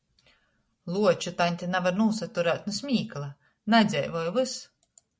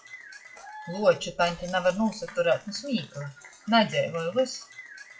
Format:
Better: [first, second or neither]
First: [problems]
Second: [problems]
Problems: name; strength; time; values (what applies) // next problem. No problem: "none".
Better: first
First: none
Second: noise reduction (classical method WPE with log-MMSE)